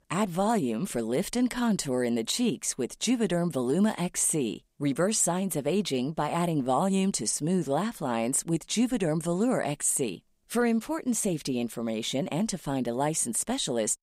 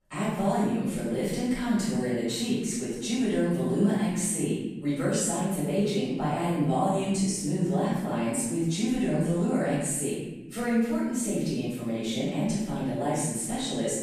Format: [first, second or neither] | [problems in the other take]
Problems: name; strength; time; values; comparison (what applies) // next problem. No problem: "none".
first | off-mic speech; far // room echo; strong; dies away in 1.2 s